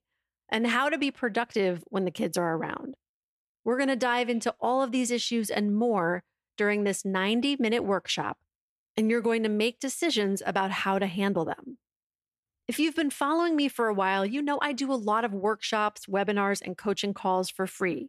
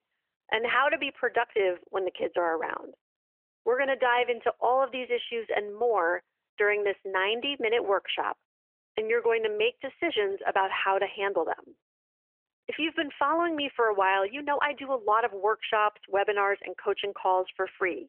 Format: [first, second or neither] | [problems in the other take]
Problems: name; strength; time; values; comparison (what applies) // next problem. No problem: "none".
first | phone-call audio; nothing above 3 kHz